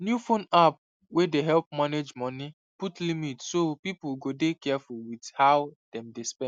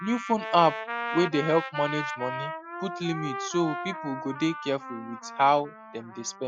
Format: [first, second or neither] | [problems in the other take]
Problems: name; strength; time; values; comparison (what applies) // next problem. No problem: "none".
first | noise reduction (classical method Wiener filter)